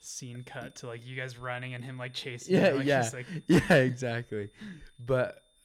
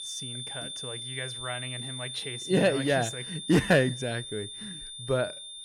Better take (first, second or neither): first